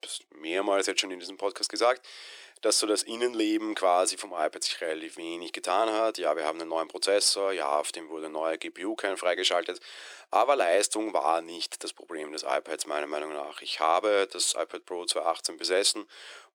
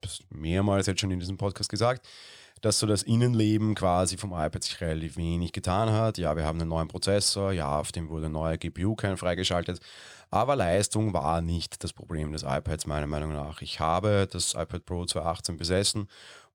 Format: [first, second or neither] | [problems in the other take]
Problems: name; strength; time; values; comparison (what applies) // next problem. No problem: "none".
second | thin; very; fading below 350 Hz